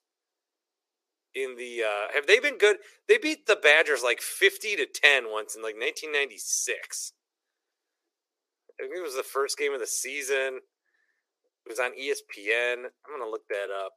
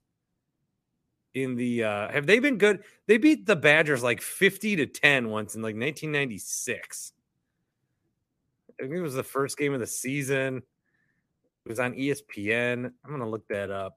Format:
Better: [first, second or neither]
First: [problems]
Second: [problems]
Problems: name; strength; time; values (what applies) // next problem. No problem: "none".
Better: second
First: thin; very; fading below 400 Hz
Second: none